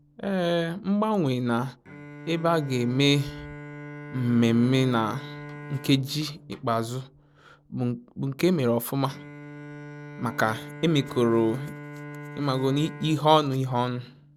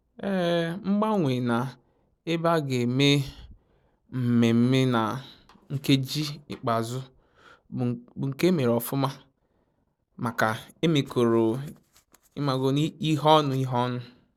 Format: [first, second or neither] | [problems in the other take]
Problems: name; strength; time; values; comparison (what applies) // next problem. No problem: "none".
second | background sound (Bowed string instrument); 15 dB below the speech